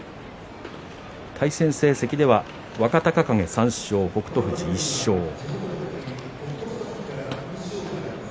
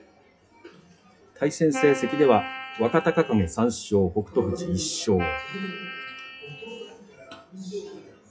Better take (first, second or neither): first